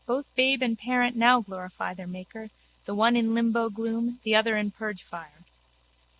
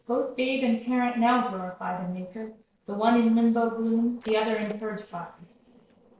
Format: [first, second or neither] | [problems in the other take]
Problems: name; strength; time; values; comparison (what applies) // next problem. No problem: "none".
first | noise reduction (neural separator model SepFormer DNS4)